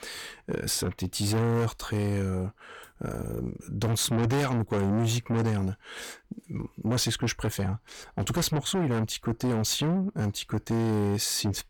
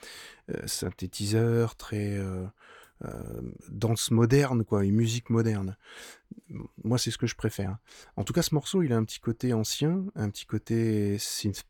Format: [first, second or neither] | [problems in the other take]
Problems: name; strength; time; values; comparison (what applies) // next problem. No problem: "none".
second | distortion; heavy; 6 dB below the speech